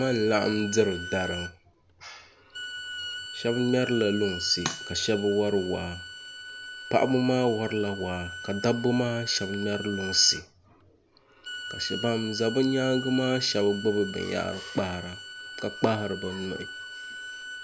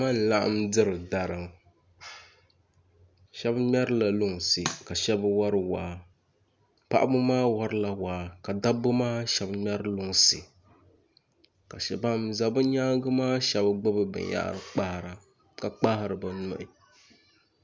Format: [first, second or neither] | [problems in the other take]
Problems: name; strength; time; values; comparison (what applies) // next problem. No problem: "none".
second | background sound (Bowed string instrument); 11 dB below the speech